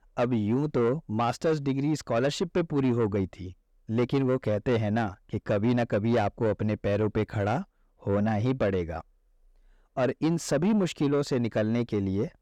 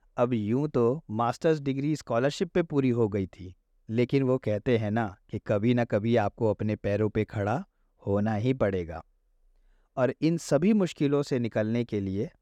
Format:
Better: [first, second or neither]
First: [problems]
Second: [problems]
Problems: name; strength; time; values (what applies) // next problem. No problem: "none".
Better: second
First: distortion; slight; 10 dB below the speech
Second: none